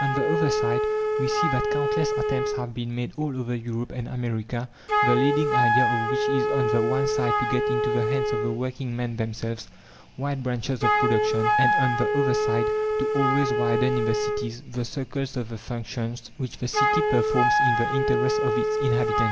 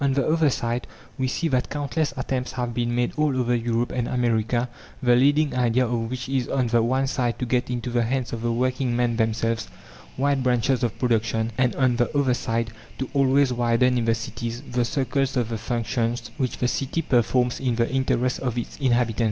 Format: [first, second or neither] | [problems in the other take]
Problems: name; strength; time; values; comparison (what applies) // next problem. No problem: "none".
second | background sound (Wind instrument, woodwind instrument); 3 dB above the speech